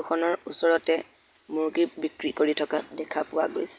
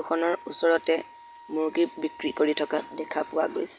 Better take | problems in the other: first | background sound (Wind instrument, woodwind instrument); 20 dB below the speech

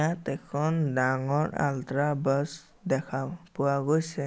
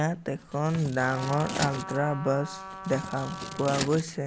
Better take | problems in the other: first | background sound (Trumpet + Scissors); 9 dB below the speech

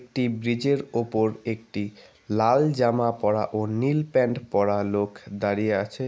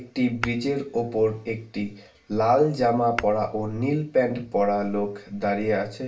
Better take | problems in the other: first | background sound (Tap / Hammer); 17 dB below the speech // room echo; dies away in 0.3 s

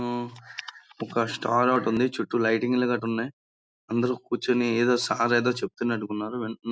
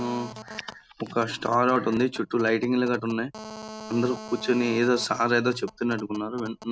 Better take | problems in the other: first | background sound (Telephone); 17 dB below the speech

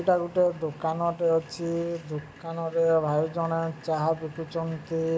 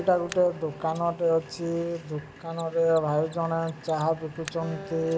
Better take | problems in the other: first | background sound (Mechanisms + Acoustic guitar); 18 dB below the speech

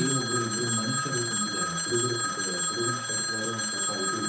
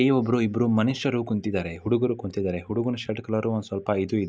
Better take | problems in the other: second | background sound (Telephone); 4 dB above the speech // room echo; dies away in 0.7 s

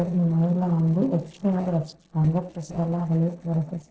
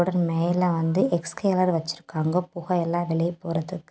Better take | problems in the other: second | noise reduction (neural separator model SepFormer DNS4)

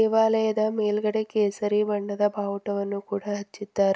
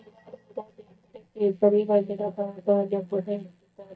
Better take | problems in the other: first | noise reduction (neural mask model DeepFilterNet 3)

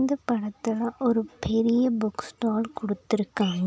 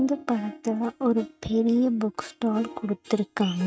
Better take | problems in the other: first | noise reduction (neural mask model RNNoise)

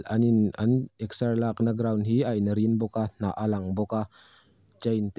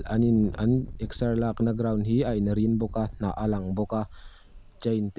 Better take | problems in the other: first | background sound (Engine); 13 dB below the speech

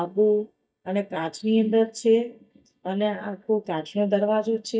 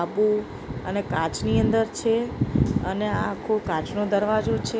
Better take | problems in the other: second | noise reduction (neural mask model DeepFilterNet 3)

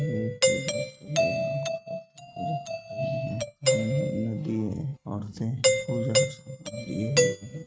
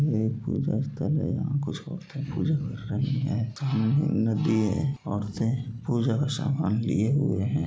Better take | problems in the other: second | noise reduction (neural mask model RNNoise)

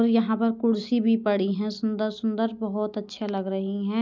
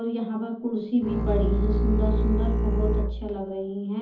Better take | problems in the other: first | background sound (Bowed string instrument); 4 dB above the speech // room echo; dies away in 0.5 s

